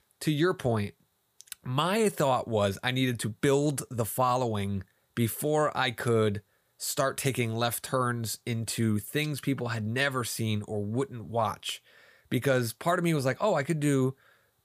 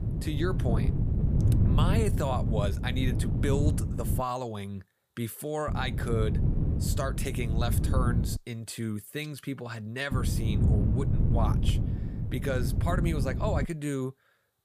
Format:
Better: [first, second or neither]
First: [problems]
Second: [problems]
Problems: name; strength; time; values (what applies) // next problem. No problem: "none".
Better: first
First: none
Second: wind noise on the microphone; heavy; until 4 s, from 5.5 to 8.5 s and from 10 to 14 s; 5 dB below the speech